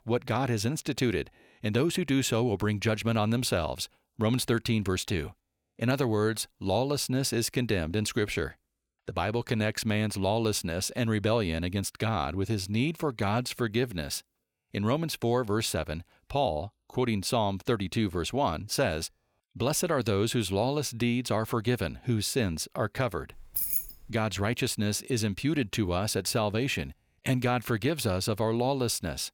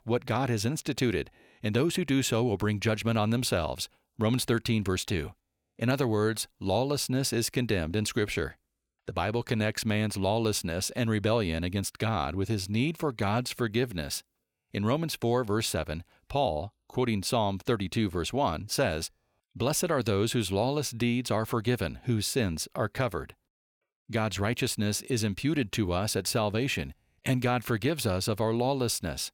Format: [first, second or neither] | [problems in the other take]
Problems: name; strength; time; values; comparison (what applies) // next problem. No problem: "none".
second | jangling keys; loud; at 23 s; peak 2 dB above the speech